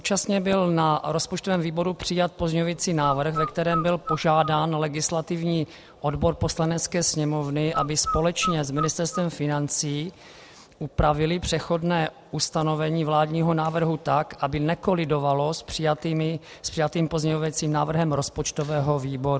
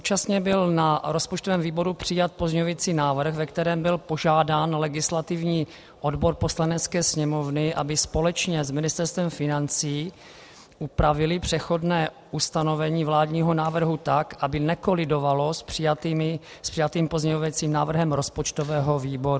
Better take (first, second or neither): second